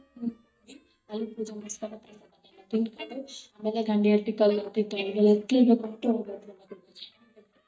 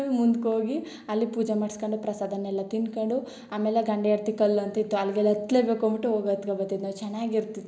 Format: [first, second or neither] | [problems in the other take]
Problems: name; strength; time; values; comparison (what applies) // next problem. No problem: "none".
second | noise reduction (neural mask model DeepFilterNet 3)